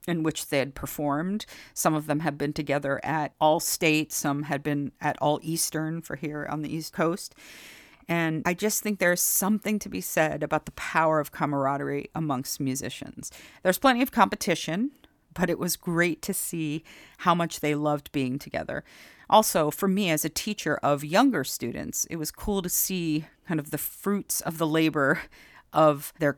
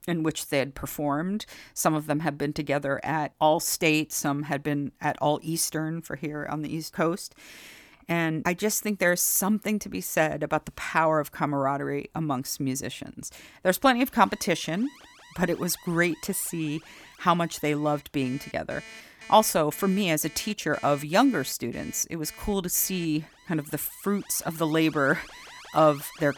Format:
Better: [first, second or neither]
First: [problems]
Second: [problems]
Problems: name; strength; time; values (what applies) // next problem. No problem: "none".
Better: first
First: none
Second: alarms or sirens; faint; from 14 s on; 20 dB below the speech